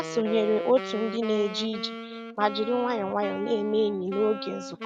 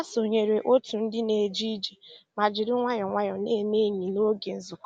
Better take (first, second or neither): second